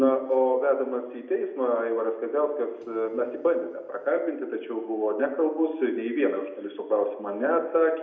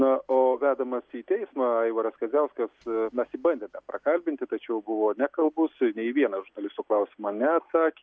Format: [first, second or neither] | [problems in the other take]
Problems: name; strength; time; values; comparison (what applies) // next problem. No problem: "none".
second | room echo; dies away in 0.7 s